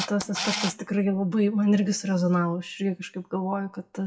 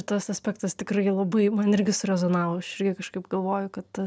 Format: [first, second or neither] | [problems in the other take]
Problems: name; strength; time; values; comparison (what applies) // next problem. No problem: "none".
second | noise reduction (classical method WPE with log-MMSE)